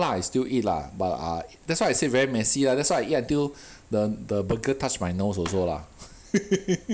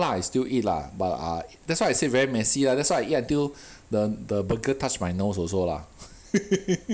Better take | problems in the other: second | background sound (Fireworks); 20 dB below the speech

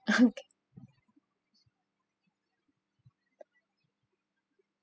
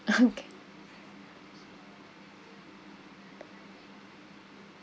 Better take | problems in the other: second | noise reduction (classical method spectral subtraction)

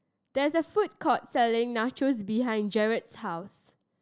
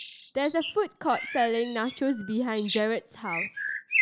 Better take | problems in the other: first | background sound (Bird); 6 dB below the speech

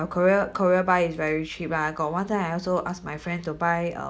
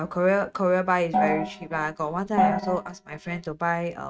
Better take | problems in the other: first | noise reduction (neural mask model RNNoise)

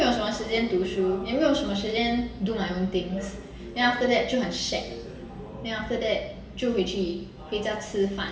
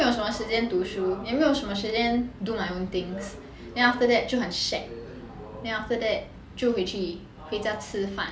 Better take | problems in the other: second | room echo; dies away in 1.1 s

